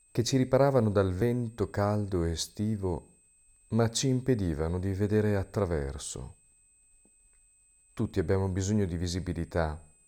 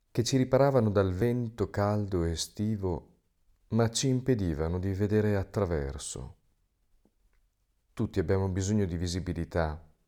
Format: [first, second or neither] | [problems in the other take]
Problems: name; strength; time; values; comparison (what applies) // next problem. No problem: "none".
second | high-pitched whine; faint; throughout; 8 kHz, 30 dB below the speech